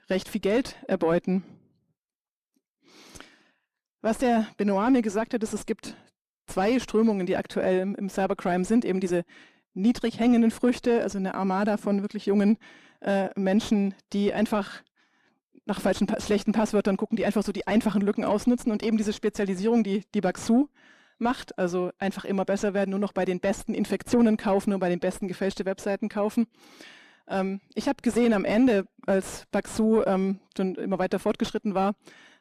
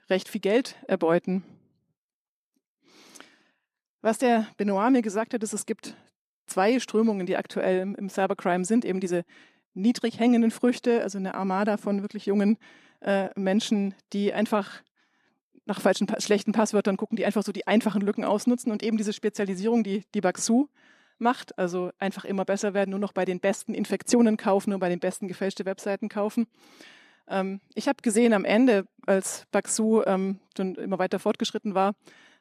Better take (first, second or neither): second